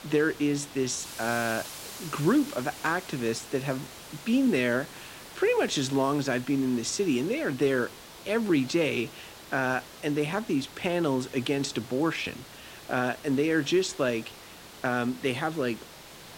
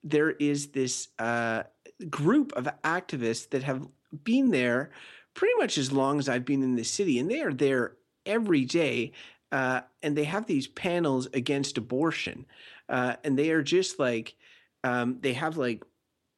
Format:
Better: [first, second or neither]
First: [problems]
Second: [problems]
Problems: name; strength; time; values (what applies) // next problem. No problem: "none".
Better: second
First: hiss; noticeable; throughout; 15 dB below the speech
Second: none